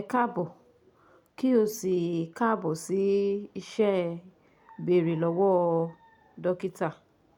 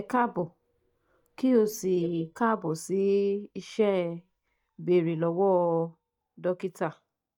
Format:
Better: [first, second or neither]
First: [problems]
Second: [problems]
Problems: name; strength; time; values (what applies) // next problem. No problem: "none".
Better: first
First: none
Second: noise reduction (neural mask model DeepFilterNet 3)